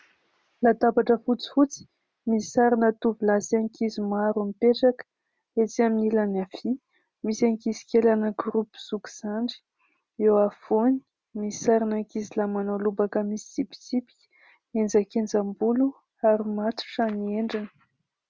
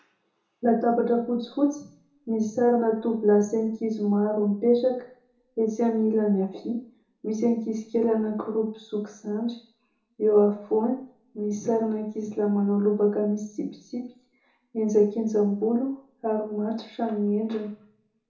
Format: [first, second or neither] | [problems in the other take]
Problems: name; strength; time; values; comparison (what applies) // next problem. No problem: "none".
first | room echo; dies away in 0.6 s